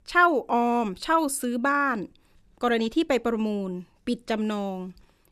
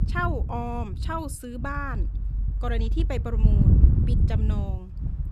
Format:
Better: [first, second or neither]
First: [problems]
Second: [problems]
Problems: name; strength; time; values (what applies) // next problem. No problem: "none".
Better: first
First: none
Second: wind noise on the microphone; heavy; 6 dB below the speech